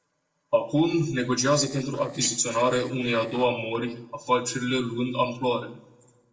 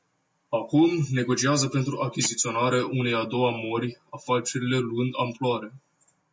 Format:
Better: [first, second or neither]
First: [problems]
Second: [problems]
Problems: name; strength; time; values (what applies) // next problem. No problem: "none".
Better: second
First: noise reduction (neural separator model SepFormer DNS4)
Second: none